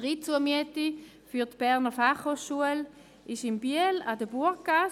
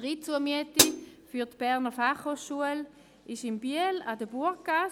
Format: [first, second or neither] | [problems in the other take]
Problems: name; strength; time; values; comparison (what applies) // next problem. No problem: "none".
first | background sound (Hi-hat); 2 dB above the speech